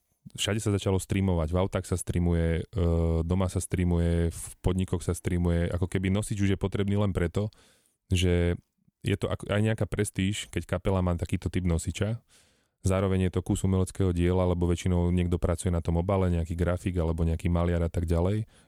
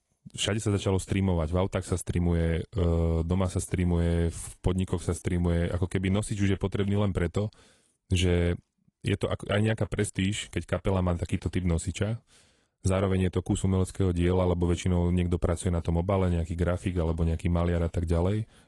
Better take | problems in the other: first | garbled, watery; slightly; nothing above 10.5 kHz

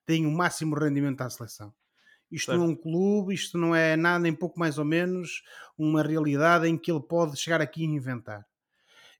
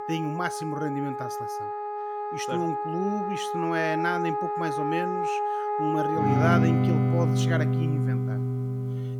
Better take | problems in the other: first | background music; very loud; throughout; 3 dB above the speech

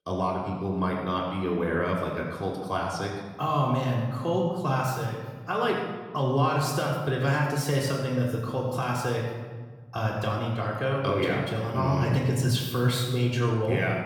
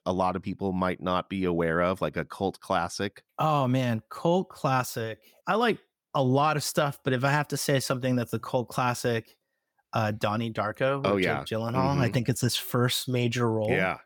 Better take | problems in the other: second | off-mic speech; far // room echo; noticeable; dies away in 1.3 s

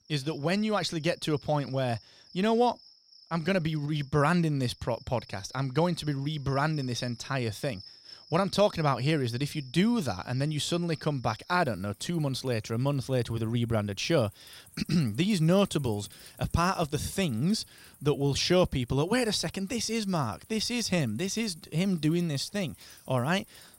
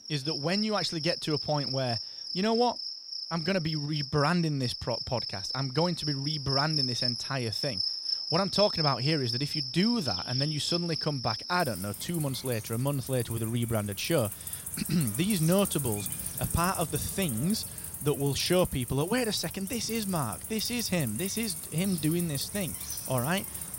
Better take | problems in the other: first | animal sounds; loud; throughout; 3 dB below the speech; faint in the first

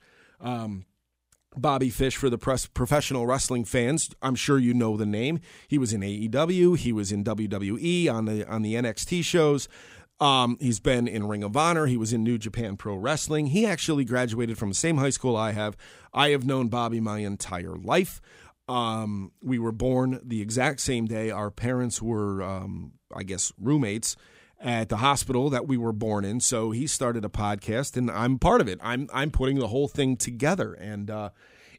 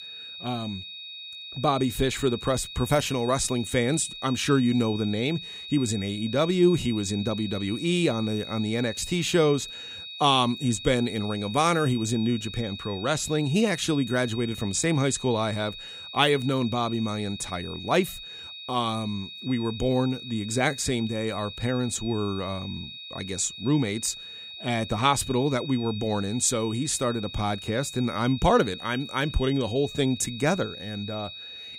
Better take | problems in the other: first | high-pitched whine; noticeable; throughout; 4 kHz, 10 dB below the speech

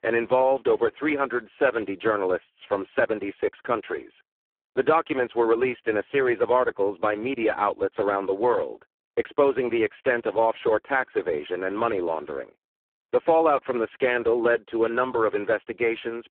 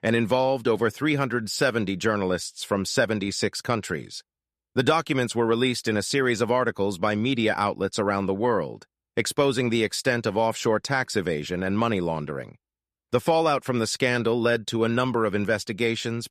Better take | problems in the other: second | phone-call audio; poor line

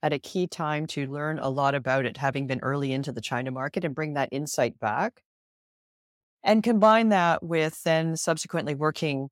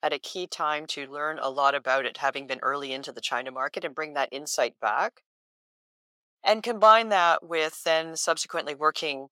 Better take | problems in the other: first | thin; very; fading below 550 Hz

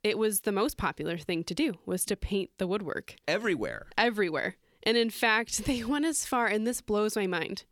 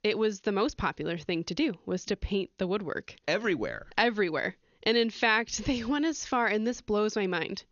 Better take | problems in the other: first | garbled, watery; slightly; nothing above 6.5 kHz

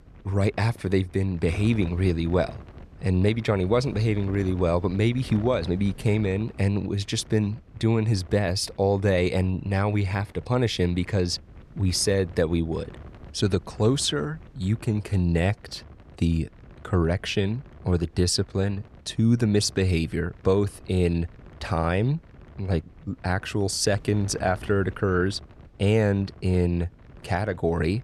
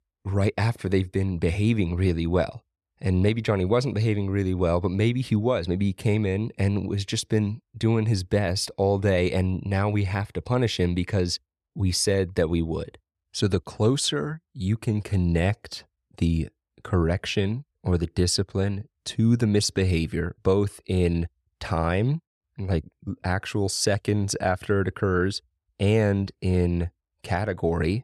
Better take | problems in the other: second | wind noise on the microphone; occasional gusts; 25 dB below the speech

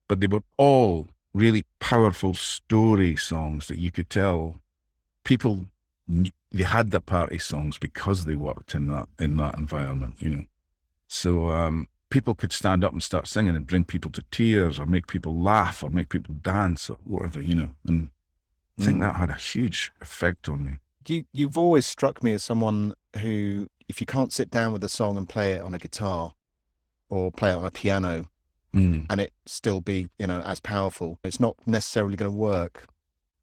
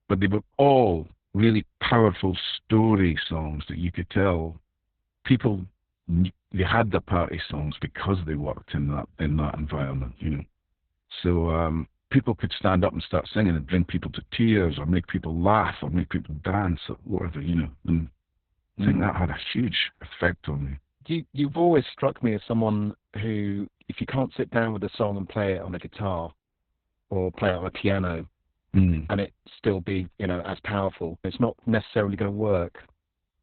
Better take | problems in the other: first | garbled, watery; badly; nothing above 4 kHz; slightly in the first

